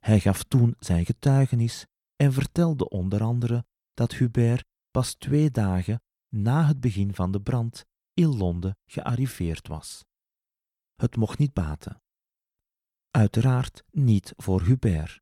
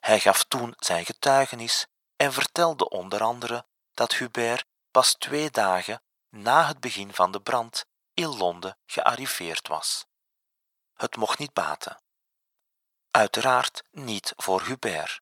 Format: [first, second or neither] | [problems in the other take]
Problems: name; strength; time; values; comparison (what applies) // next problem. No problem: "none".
first | thin; very; fading below 850 Hz